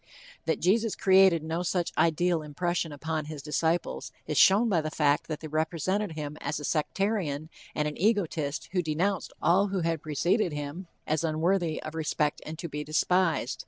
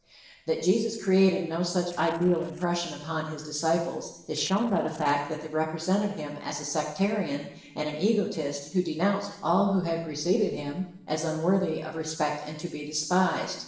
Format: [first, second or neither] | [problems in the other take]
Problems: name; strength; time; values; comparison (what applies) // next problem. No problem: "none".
first | noise reduction (neural separator model SepFormer DNS4)